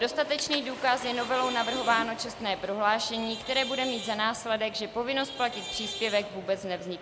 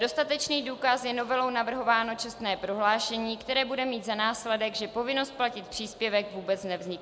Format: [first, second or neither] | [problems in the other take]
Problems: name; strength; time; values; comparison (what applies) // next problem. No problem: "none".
second | background sound (Traffic noise, roadway noise / Vehicle horn, car horn, honking + Toilet flush / Water); 10 dB below the speech